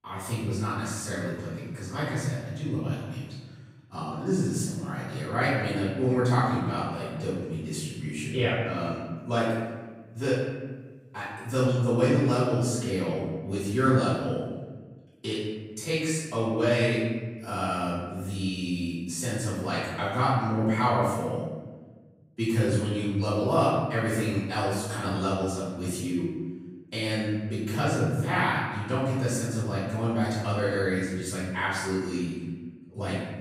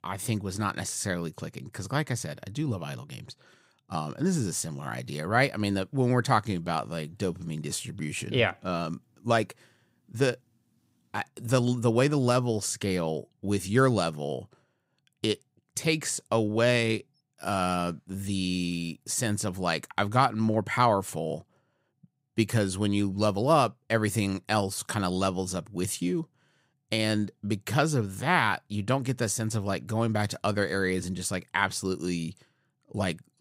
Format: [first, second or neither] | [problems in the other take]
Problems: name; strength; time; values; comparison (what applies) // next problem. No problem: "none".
second | off-mic speech; far // room echo; strong; dies away in 1.3 s